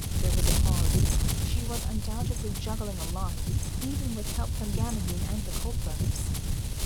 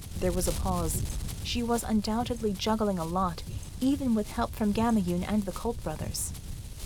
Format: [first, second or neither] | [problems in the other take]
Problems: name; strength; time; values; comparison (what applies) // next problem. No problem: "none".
second | wind noise on the microphone; heavy; 5 dB above the speech; occasional gusts in the second